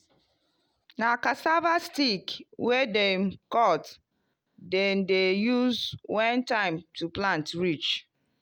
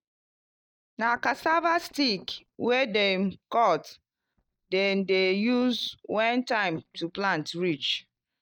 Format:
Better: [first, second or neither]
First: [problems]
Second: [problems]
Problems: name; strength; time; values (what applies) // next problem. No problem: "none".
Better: first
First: none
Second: noise reduction (neural mask model DeepFilterNet 3)